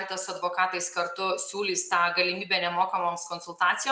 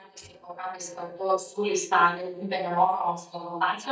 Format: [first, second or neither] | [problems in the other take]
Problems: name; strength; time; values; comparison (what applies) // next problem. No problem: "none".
first | noise reduction (neural mask model DeepFilterNet 3)